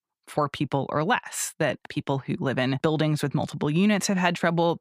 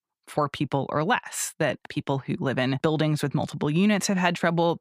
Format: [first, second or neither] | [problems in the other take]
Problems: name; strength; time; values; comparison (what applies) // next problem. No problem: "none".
neither | none